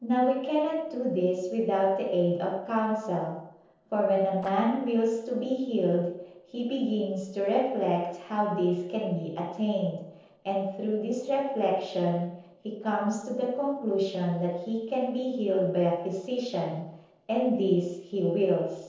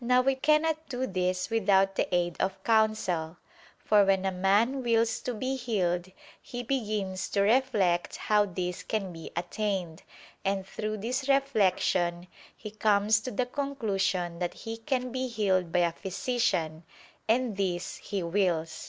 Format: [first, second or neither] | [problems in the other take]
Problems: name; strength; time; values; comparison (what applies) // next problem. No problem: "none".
second | noise reduction (neural separator model SepFormer DNS4)